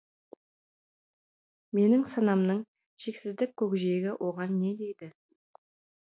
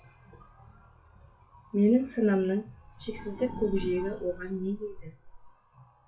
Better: first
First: none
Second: noise reduction (classical method WPE with log-MMSE)

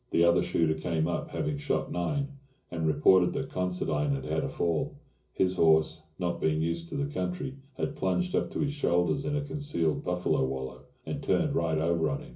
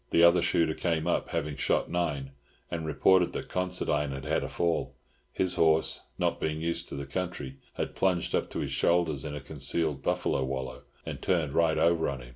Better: second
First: room echo; dies away in 0.5 s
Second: none

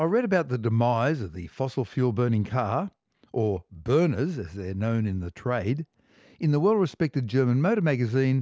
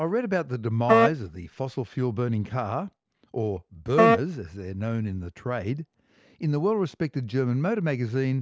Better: first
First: none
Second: background sound (Wind instrument, woodwind instrument); 4 dB above the speech

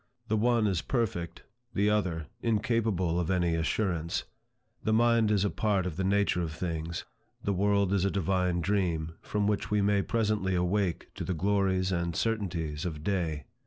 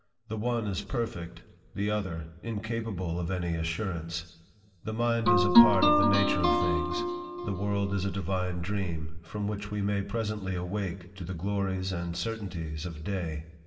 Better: first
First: none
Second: background sound (Guitar); 5 dB above the speech // room echo; dies away in 1.5 s

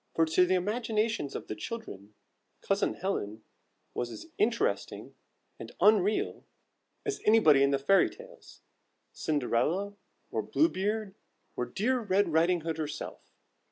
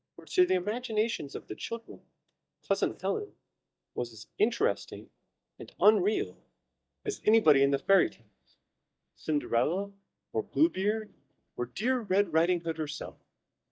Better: first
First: none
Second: noise reduction (neural mask model DeepFilterNet 3)

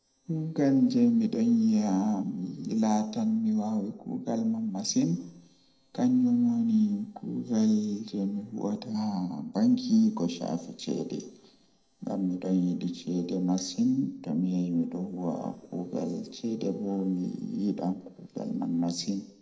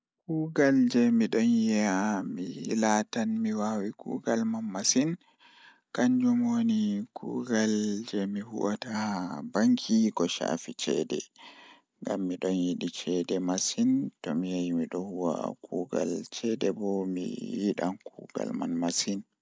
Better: second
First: noise reduction (neural separator model SepFormer DNS4)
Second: none

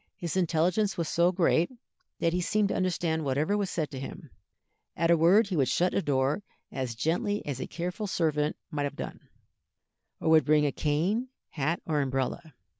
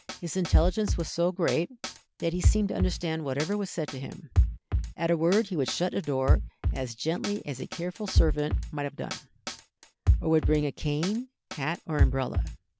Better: first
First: none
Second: background sound (Drum kit); 1 dB above the speech

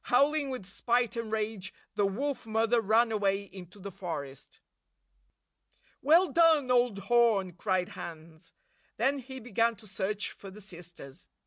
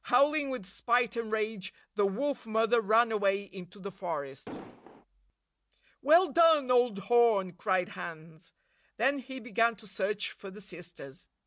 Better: first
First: none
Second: background sound (Explosion); 13 dB below the speech

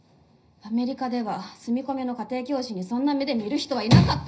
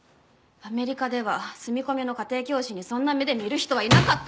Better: second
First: room echo; dies away in 0.4 s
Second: none

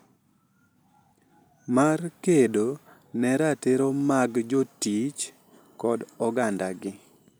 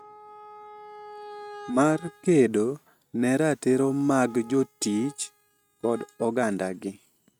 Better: first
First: none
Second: noise reduction (neural mask model RNNoise)

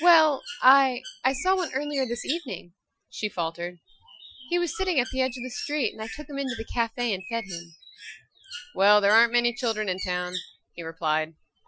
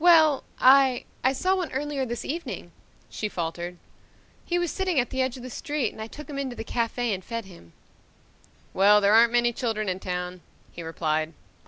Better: second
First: noise reduction (classical method Wiener filter)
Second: none

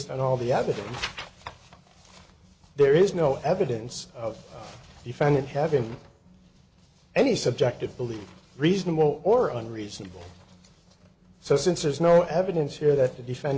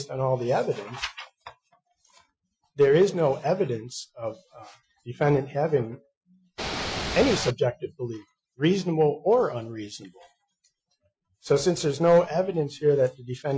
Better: first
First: none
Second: noise reduction (classical method Wiener filter)

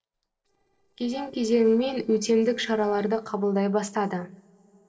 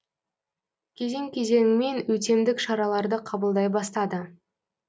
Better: second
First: noise reduction (neural separator model SepFormer DNS4)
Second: none

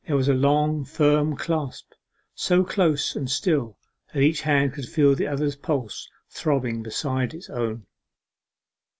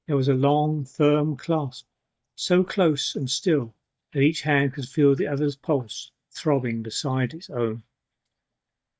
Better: first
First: none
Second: noise reduction (neural mask model DeepFilterNet 3)

